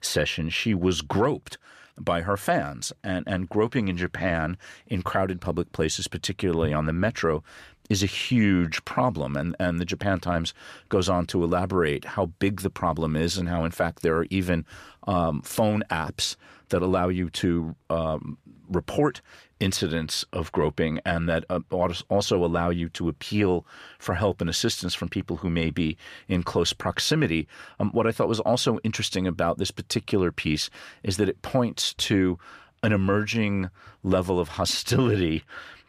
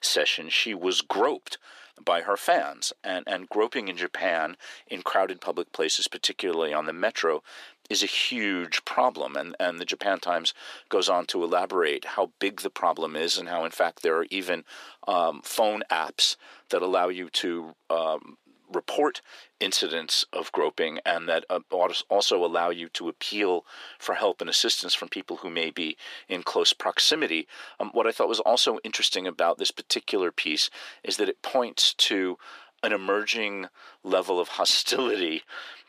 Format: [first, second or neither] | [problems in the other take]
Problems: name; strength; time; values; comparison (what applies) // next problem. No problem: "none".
first | thin; somewhat; fading below 350 Hz